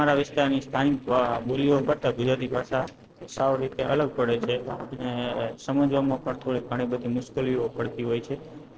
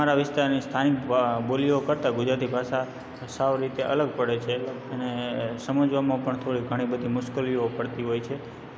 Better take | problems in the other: second | noise reduction (neural separator model SepFormer DNS4)

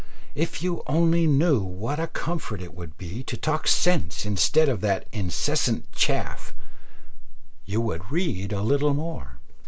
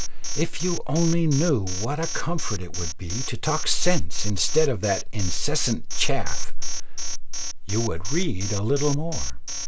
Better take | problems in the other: first | background sound (Alarm); 15 dB below the speech

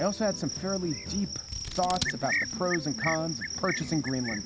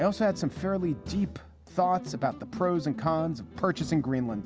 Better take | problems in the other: second | background sound (Cricket + Scissors); 4 dB below the speech

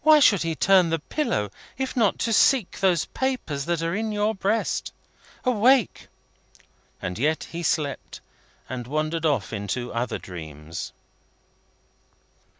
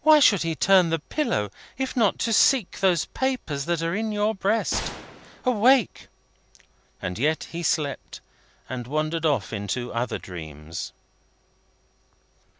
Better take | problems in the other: first | background sound (Gunshot, gunfire); 15 dB below the speech

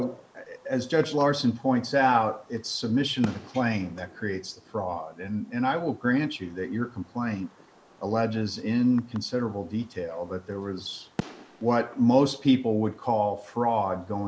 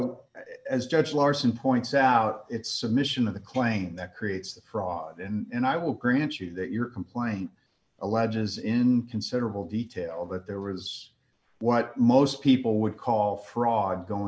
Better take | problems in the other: second | background sound (Fireworks); 20 dB below the speech

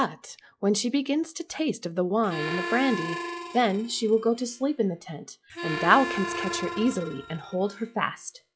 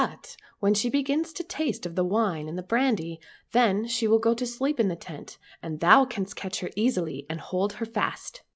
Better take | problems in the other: second | noise reduction (classical method log-MMSE)

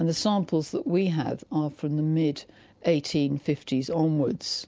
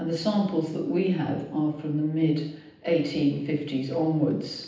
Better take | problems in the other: first | room echo; dies away in 0.9 s

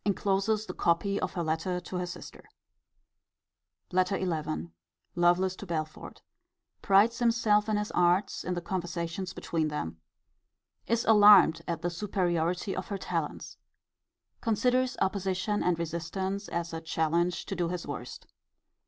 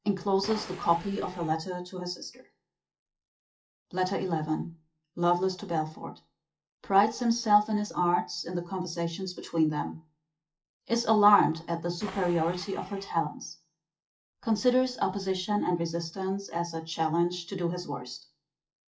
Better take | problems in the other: first | noise reduction (classical method WPE with log-MMSE)

